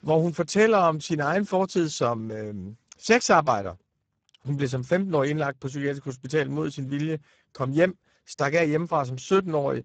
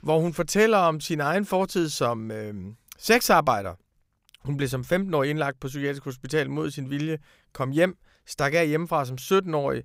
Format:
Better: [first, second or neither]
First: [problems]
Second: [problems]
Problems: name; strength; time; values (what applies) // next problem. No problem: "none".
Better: second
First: garbled, watery; badly; nothing above 7.5 kHz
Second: none